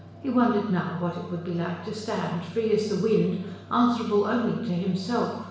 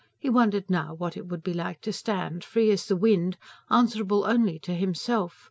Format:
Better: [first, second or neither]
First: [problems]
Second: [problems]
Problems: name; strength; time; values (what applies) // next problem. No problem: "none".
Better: second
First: background sound (Mechanical fan); 19 dB below the speech // room echo; dies away in 0.9 s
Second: none